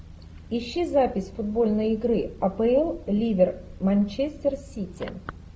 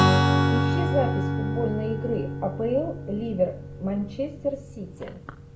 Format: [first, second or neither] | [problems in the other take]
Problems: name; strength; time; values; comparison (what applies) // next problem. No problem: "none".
first | background sound (Strum); 3 dB above the speech // room echo; dies away in 1.1 s